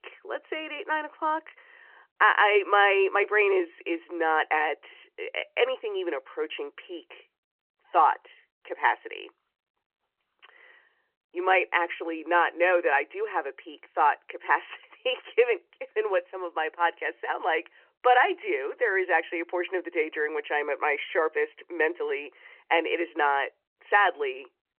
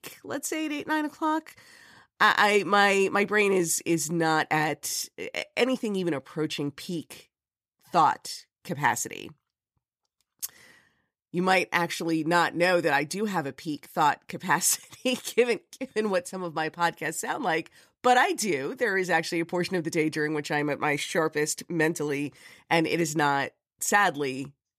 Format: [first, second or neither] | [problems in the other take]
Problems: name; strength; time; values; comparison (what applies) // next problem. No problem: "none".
second | phone-call audio; nothing above 3 kHz